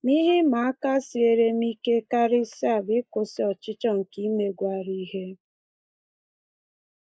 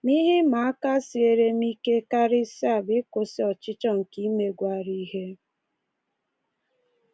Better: second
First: noise reduction (neural mask model Resemble Enhance denoiser)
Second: none

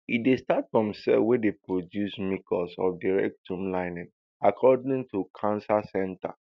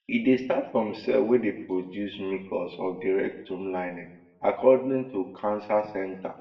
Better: first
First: none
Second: room echo; dies away in 0.7 s

